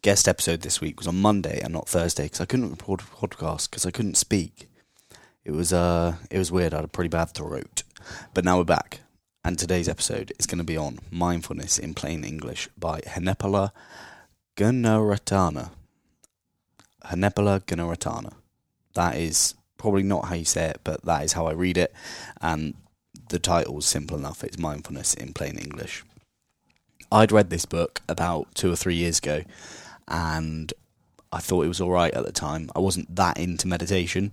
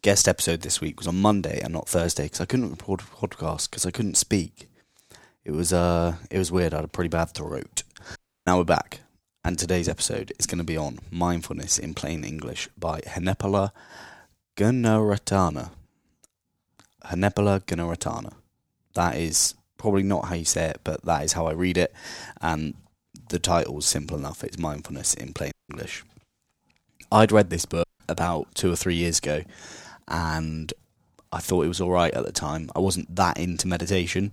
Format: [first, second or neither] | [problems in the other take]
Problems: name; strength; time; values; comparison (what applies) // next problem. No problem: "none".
first | audio cutting out; at 8 s, at 26 s and at 28 s